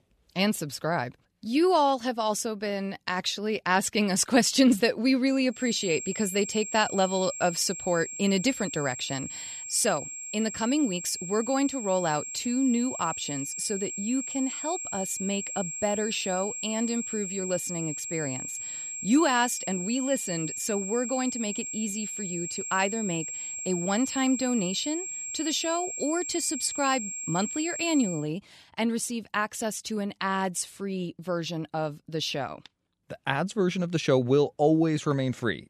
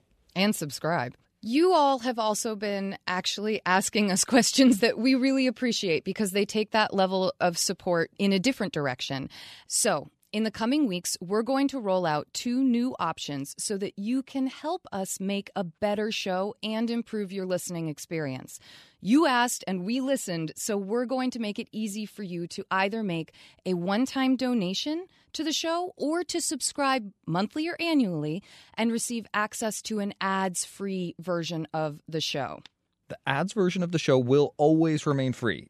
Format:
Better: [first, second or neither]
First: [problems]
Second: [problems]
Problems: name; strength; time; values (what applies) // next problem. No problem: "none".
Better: second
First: high-pitched whine; loud; from 5.5 to 28 s; 7.5 kHz, 6 dB below the speech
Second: none